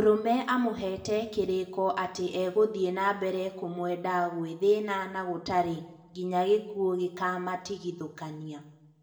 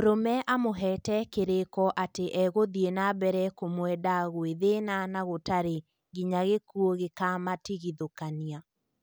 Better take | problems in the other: second | room echo; dies away in 0.7 s

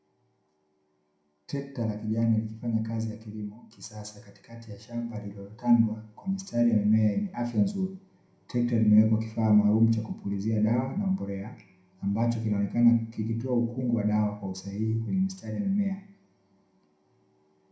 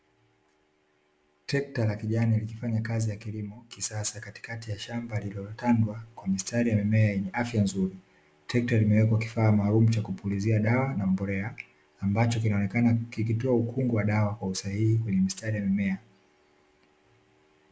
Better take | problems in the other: second | room echo; dies away in 0.4 s

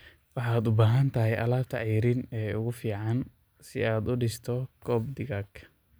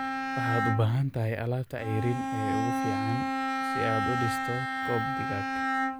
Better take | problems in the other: first | background sound (Bowed string instrument); 1 dB above the speech

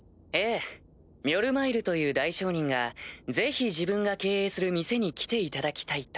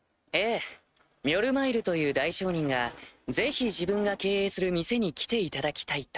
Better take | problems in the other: first | noise reduction (neural mask model RNNoise)

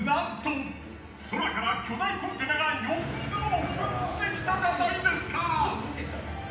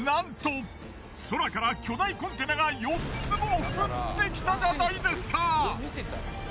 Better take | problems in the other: second | room echo; dies away in 0.9 s

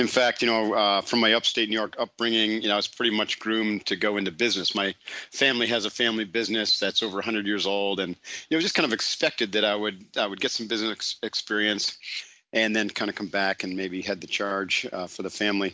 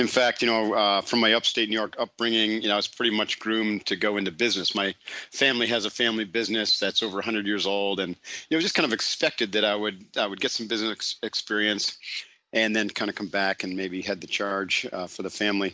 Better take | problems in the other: first | noise reduction (neural mask model Resemble Enhance denoiser)

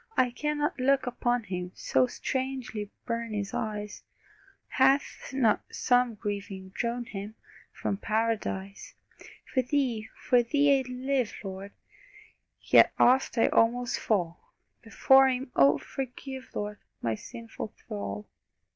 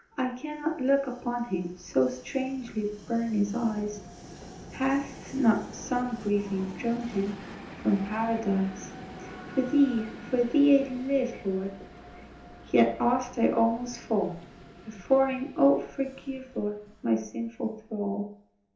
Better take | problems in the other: first | background sound (Train); 17 dB below the speech // room echo; dies away in 0.6 s

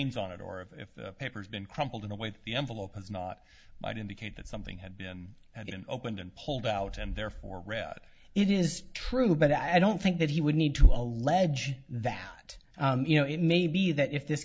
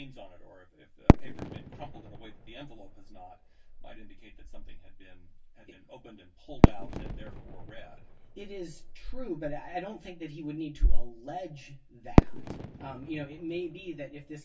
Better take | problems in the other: first | background sound (Fireworks); 2 dB above the speech // room echo; dies away in 0.1 s

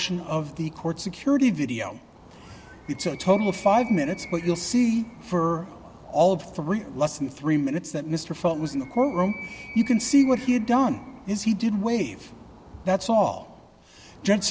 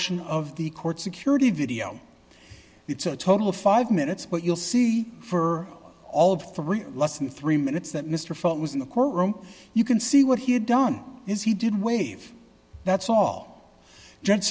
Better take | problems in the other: second | background sound (Animal); 20 dB below the speech

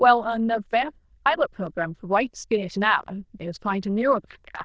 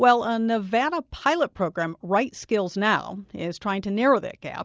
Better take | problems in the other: second | noise reduction (neural diffusion model UNIVERSE++)

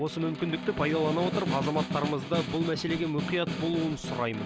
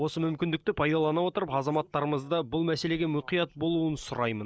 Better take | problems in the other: second | background sound (Snare drum); 4 dB below the speech

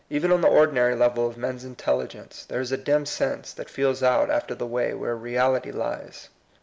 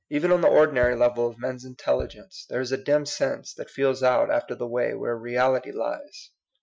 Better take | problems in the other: first | noise reduction (classical method Wiener filter)

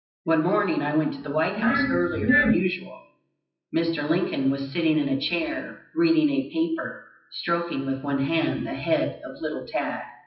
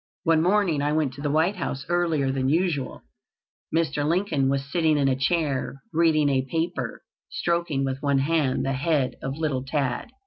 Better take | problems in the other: second | noise reduction (classical method WPE with log-MMSE)

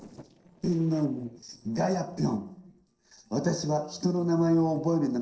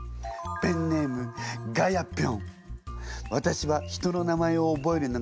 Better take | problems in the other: second | noise reduction (neural separator model SepFormer DNS4)

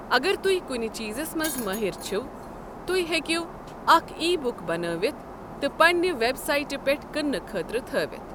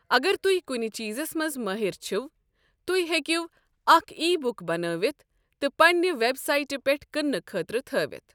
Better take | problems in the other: second | background sound (Shatter); 12 dB below the speech

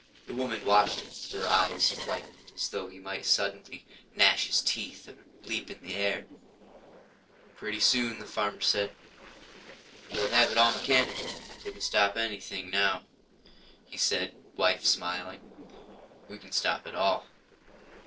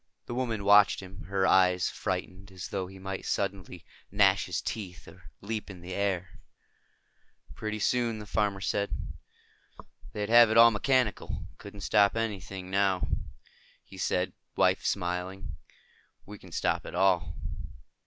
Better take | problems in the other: second | noise reduction (neural separator model SepFormer DNS4)

